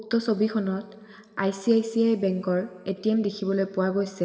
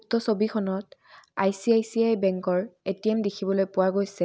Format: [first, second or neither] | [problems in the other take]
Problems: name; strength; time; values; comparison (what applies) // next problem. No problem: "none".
second | room echo; dies away in 1.7 s